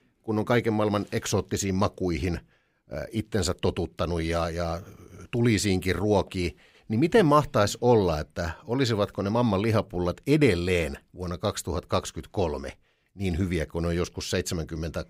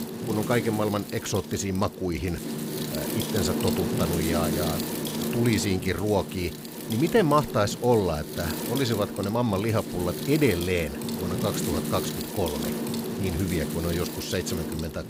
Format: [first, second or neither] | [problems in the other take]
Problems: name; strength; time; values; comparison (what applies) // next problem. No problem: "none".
first | wind noise on the microphone; heavy; 6 dB below the speech